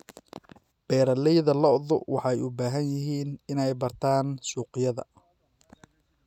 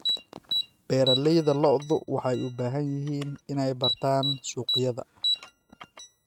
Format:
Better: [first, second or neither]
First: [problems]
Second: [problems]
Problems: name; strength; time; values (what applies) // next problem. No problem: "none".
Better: first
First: none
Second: noise reduction (neural mask model RNNoise)